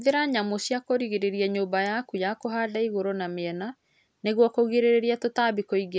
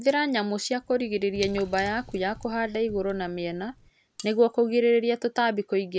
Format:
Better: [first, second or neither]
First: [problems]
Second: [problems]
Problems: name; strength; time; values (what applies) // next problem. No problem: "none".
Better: first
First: none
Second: background sound (Cutlery, silverware + Drip / Water); 19 dB below the speech